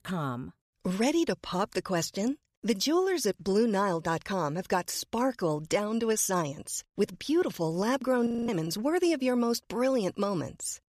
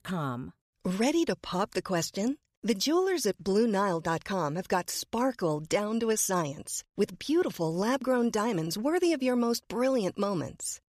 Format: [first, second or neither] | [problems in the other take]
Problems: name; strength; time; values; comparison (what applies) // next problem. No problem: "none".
second | audio freezing; at 8.5 s